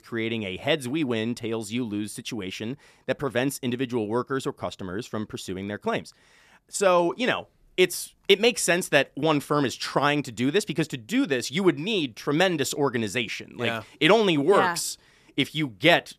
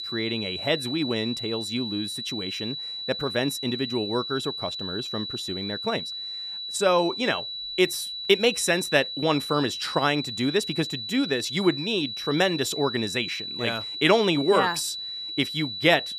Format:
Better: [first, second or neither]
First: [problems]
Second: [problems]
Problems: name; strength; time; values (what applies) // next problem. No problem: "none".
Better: first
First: none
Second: high-pitched whine; loud; throughout; 4 kHz, 5 dB below the speech